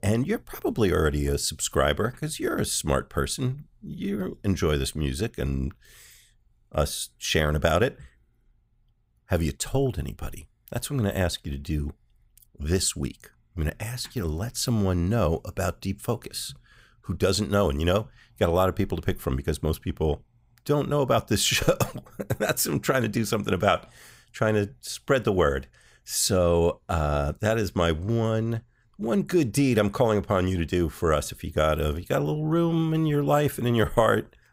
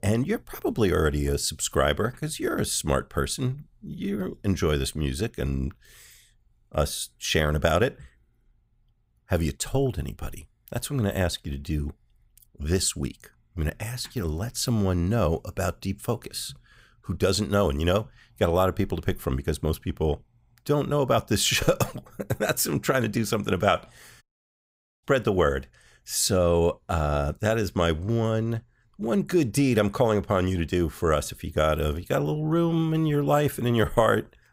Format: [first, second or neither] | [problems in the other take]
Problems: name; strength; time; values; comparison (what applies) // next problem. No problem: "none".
first | audio cutting out; at 24 s for 1 s